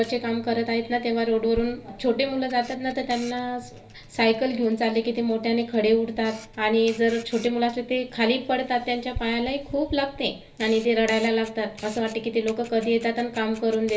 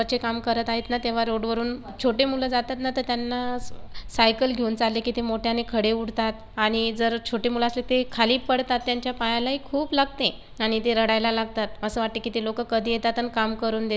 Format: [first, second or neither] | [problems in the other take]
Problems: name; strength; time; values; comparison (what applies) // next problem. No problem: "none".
second | background sound (Camera); 20 dB below the speech // room echo; dies away in 0.3 s